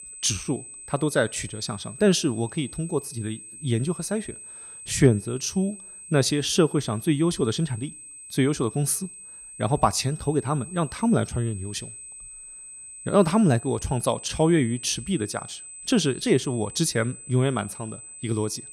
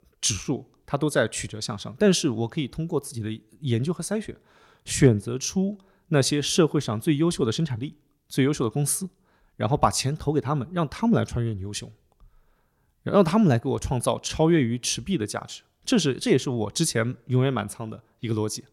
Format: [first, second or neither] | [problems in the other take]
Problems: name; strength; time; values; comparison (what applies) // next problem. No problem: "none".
second | high-pitched whine; noticeable; throughout; 8 kHz, 15 dB below the speech